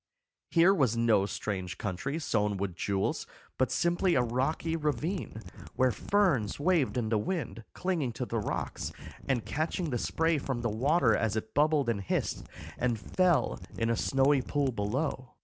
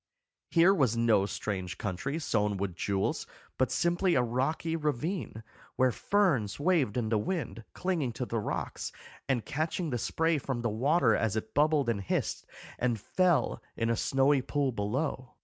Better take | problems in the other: second | background sound (Mechanisms); 13 dB below the speech

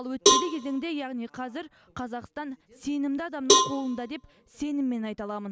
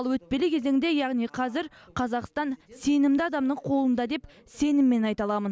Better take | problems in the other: second | background sound (Cowbell); 4 dB above the speech

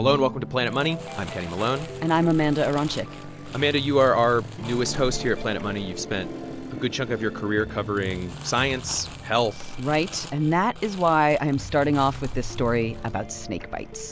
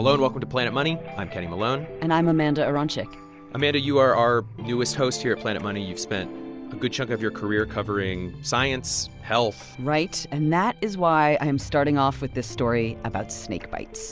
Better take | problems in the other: second | background sound (Crumpling, crinkling + Motorcycle); 13 dB below the speech

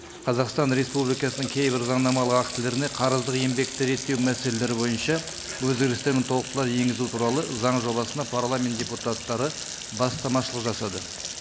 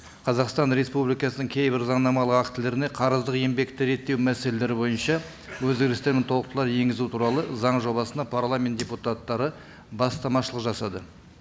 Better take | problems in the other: second | background sound (Water tap, faucet); 10 dB below the speech

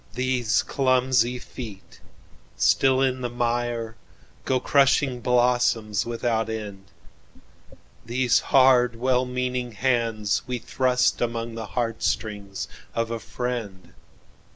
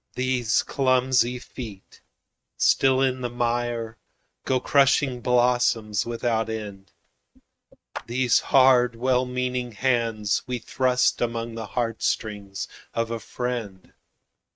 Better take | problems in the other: first | noise reduction (neural mask model RNNoise)

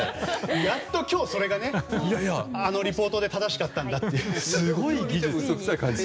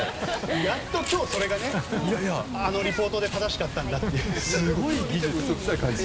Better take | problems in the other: first | background sound (Meow); 8 dB below the speech

